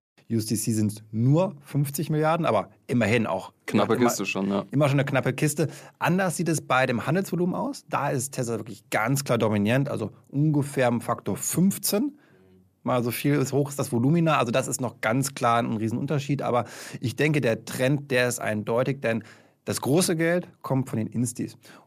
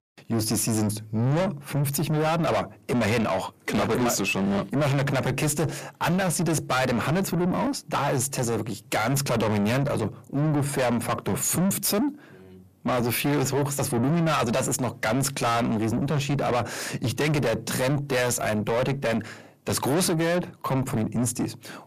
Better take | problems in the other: first | distortion; heavy; 7 dB below the speech

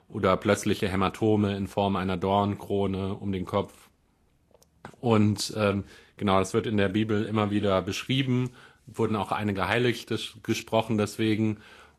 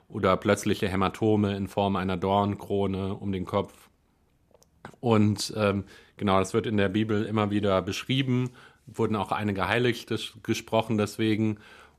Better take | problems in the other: second | garbled, watery; slightly; nothing above 13 kHz

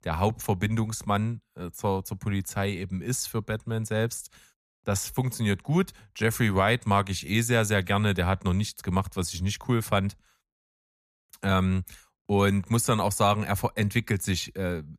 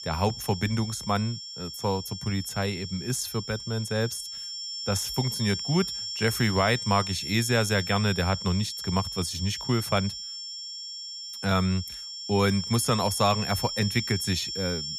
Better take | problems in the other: first | high-pitched whine; loud; throughout; 5.5 kHz, 6 dB below the speech

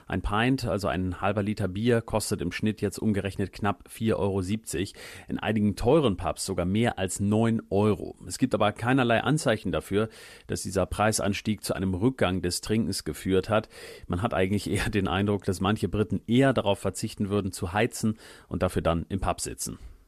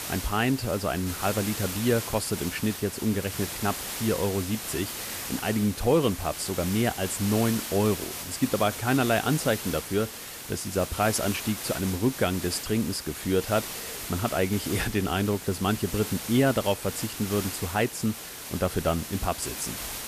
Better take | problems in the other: first | hiss; loud; throughout; 7 dB below the speech

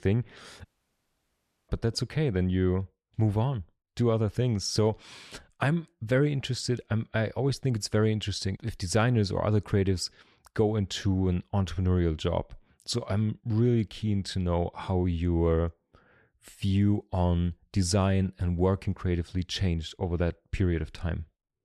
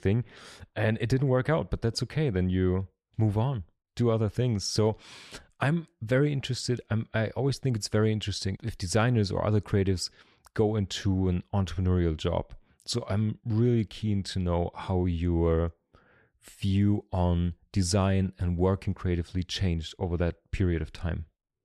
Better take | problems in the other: second | audio cutting out; at 0.5 s for 1 s

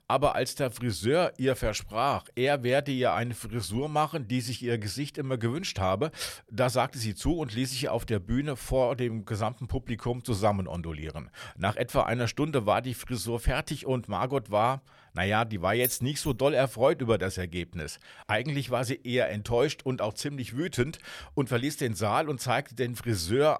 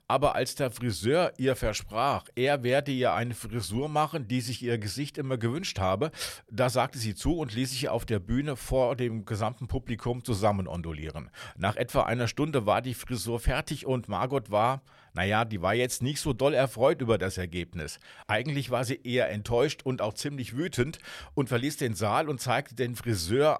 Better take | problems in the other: second | jangling keys; noticeable; at 16 s; peak 3 dB below the speech

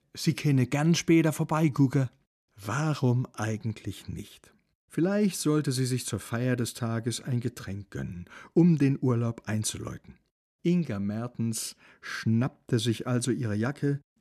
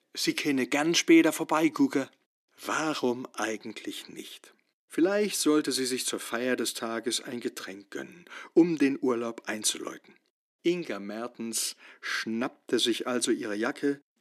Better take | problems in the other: first | thin; somewhat; fading below 300 Hz

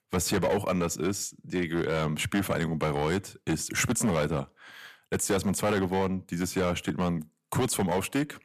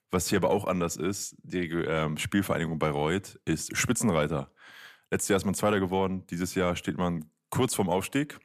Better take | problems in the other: second | distortion; slight; 7% of the sound clipped

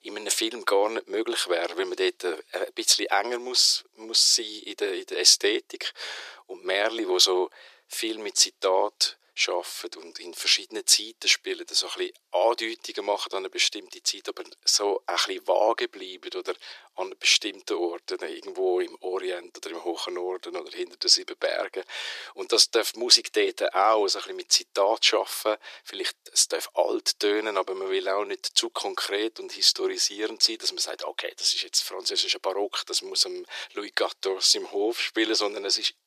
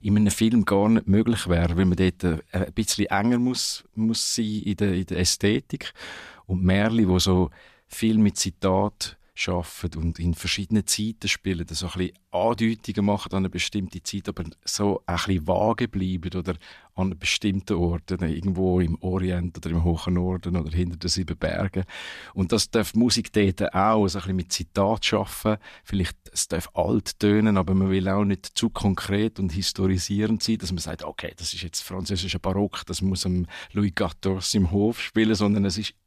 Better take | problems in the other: second | thin; very; fading below 350 Hz

